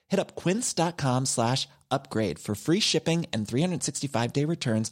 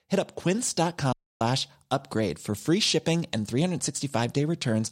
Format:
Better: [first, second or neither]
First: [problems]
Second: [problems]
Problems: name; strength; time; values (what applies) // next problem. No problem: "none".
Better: first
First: none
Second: audio cutting out; at 1 s